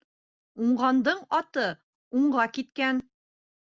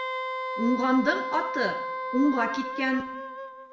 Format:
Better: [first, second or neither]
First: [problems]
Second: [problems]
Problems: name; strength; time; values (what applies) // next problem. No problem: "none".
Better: first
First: none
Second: background sound (Wind instrument, woodwind instrument); 5 dB below the speech // room echo; dies away in 0.8 s